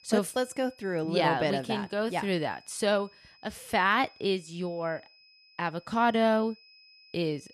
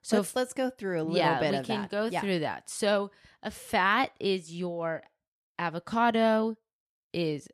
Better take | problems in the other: second | high-pitched whine; faint; throughout; 5 kHz, 25 dB below the speech

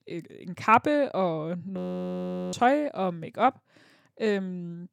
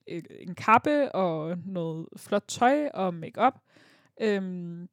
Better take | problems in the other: second | audio freezing; at 2 s for 1 s

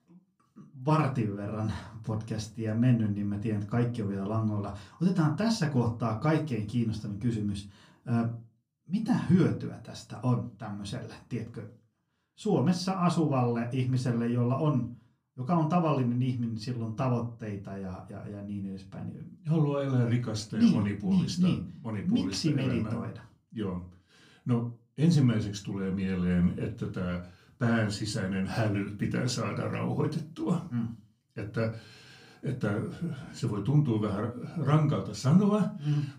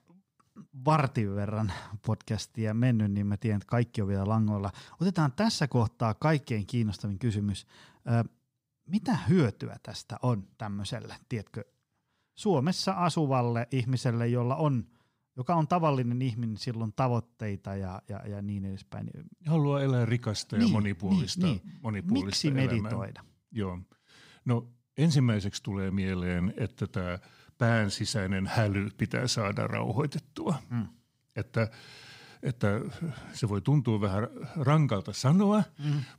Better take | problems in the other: second | off-mic speech; far // room echo; very slight; dies away in 0.3 s

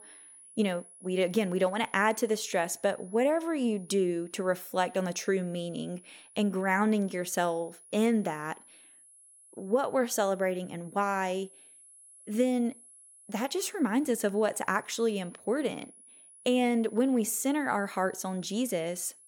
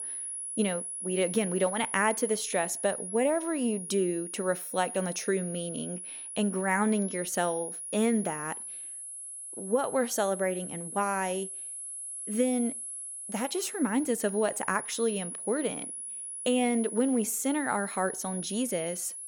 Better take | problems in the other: first | high-pitched whine; loud; throughout; 10.5 kHz, 6 dB below the speech; faint in the first

